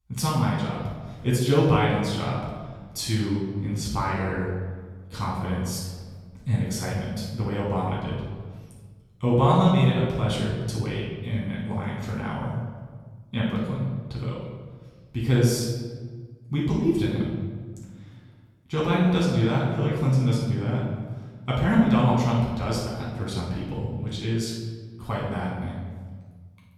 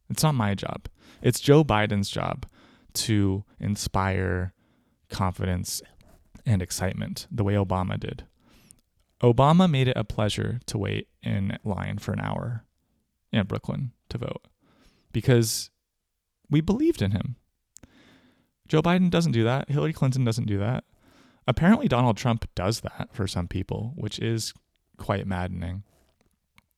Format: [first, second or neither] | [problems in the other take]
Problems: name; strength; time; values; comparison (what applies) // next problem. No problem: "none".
second | room echo; noticeable; dies away in 1.3 s // off-mic speech; far